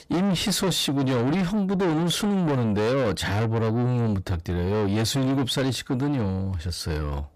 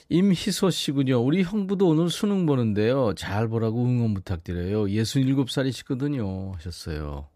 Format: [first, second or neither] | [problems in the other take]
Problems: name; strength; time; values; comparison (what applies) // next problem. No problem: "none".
second | distortion; heavy; 7 dB below the speech